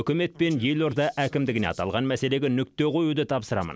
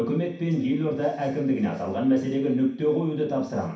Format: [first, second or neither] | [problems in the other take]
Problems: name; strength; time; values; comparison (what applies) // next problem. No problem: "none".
first | room echo; dies away in 0.6 s